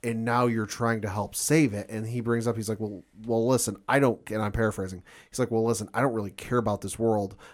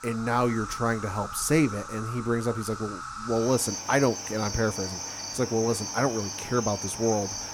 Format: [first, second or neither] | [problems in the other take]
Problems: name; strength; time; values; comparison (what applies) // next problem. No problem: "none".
first | animal sounds; loud; throughout; 7 dB below the speech